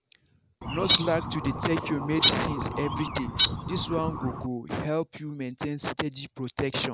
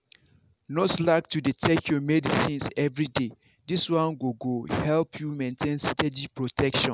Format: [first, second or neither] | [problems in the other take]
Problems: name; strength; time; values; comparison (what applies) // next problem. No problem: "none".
second | background sound (Bird); 2 dB above the speech